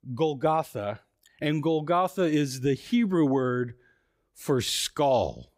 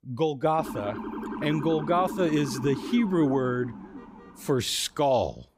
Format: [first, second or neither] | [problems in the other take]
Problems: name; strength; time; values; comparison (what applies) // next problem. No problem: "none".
first | siren; noticeable; from 0.5 to 4.5 s; peak 8 dB below the speech